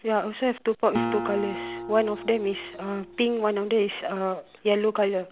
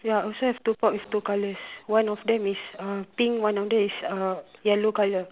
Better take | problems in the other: second | background sound (Acoustic guitar); 9 dB below the speech

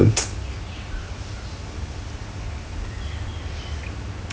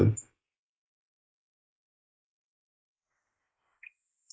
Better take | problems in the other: first | noise reduction (neural mask model Resemble Enhance denoiser)

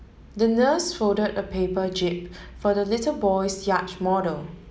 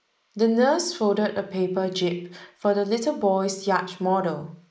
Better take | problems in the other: first | noise reduction (neural mask model Resemble Enhance denoiser)

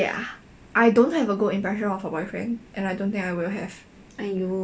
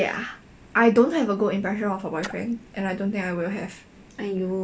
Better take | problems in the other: first | background sound (Splash, splatter); 19 dB below the speech

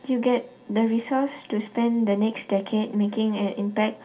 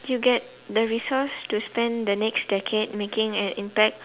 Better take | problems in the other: second | room echo; dies away in 0.3 s

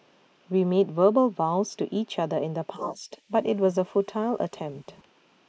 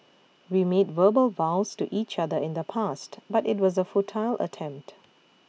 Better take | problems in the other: second | noise reduction (neural mask model Resemble Enhance denoiser)

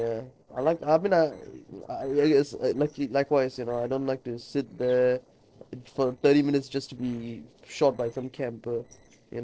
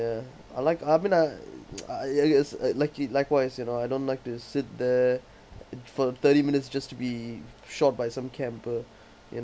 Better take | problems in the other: second | noise reduction (neural separator model SepFormer DNS4)

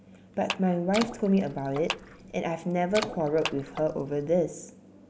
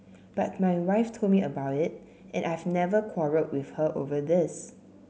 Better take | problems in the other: second | background sound (Clapping + Water / Splash, splatter); 11 dB below the speech

